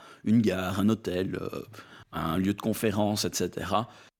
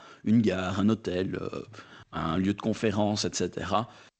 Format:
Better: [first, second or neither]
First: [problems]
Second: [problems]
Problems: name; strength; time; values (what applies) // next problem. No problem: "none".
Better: first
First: none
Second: garbled, watery; slightly; nothing above 7.5 kHz